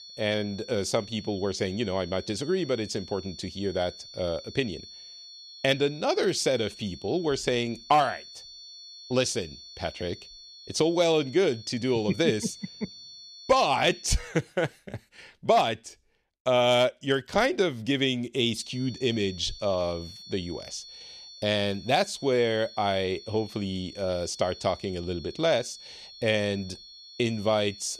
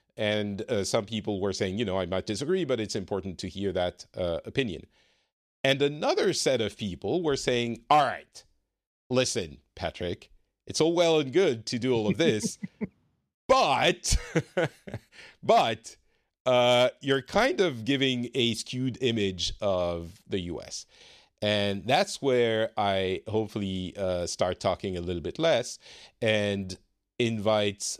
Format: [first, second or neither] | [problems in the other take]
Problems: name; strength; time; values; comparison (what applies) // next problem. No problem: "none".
second | high-pitched whine; noticeable; until 14 s and from 19 s on; 4.5 kHz, 15 dB below the speech